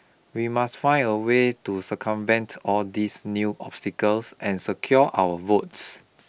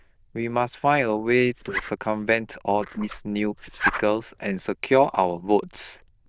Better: first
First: none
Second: noise reduction (neural diffusion model UNIVERSE++)

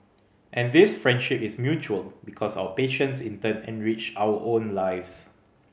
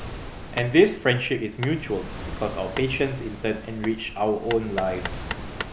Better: first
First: none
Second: background sound (Hammer + Waves, surf); 10 dB below the speech

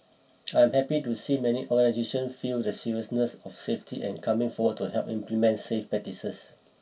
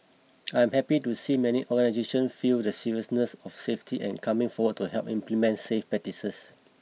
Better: second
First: room echo; dies away in 0.2 s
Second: none

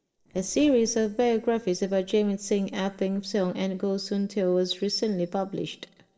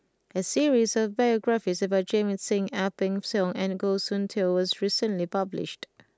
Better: second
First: noise reduction (neural separator model SepFormer DNS4)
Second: none

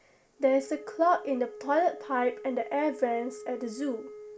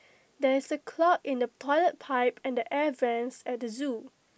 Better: second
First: background sound (Wind instrument, woodwind instrument); 15 dB below the speech // room echo; dies away in 0.3 s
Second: none

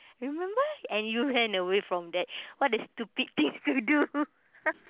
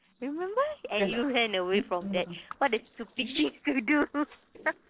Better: first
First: none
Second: noise reduction (neural separator model SepFormer DNS4)

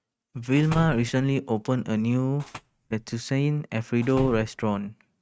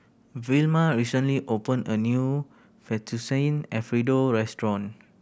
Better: second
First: noise reduction (neural mask model RNNoise)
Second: none

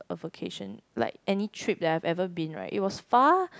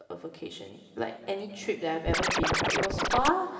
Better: first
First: none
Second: background sound (Scratching (performance technique)); 4 dB above the speech // room echo; dies away in 2.4 s

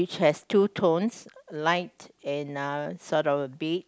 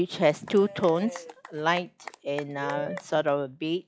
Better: first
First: none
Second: noise reduction (classical method log-MMSE)

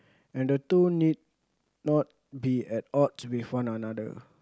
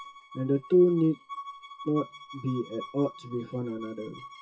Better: first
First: none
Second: noise reduction (classical method WPE with log-MMSE)

